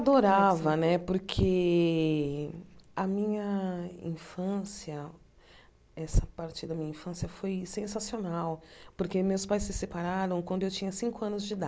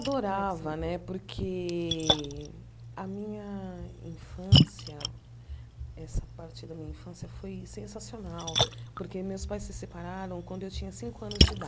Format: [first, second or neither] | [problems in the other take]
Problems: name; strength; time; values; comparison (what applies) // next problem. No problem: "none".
first | background sound (Splash, splatter); 5 dB above the speech